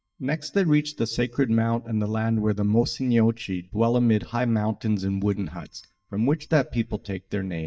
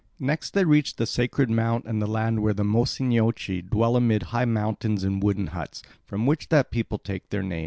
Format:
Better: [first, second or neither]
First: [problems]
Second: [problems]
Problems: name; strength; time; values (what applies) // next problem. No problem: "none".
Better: second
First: noise reduction (neural mask model DeepFilterNet 3)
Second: none